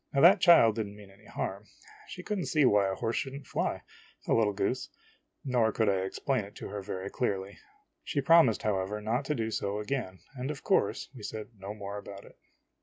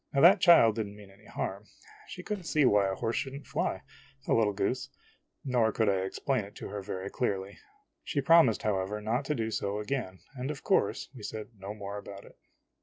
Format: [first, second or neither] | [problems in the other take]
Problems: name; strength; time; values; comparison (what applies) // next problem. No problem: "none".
first | noise reduction (neural separator model SepFormer DNS4)